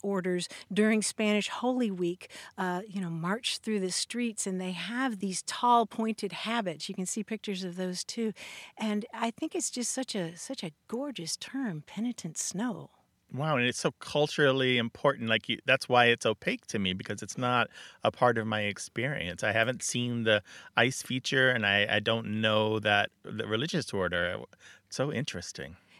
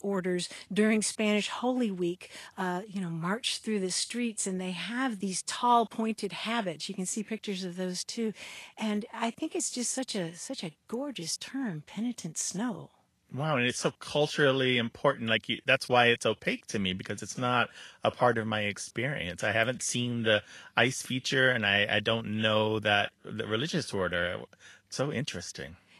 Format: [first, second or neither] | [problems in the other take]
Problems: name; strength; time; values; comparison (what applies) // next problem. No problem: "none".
first | garbled, watery; slightly